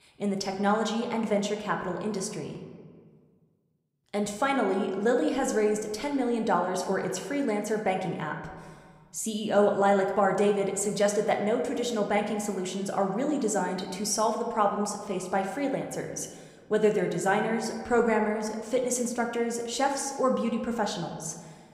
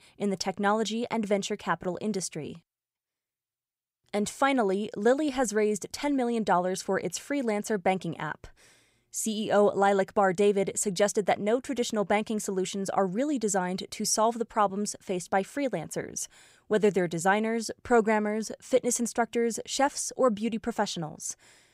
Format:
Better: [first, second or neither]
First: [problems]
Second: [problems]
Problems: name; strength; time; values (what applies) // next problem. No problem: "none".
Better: second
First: room echo; slight; dies away in 1.3 s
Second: none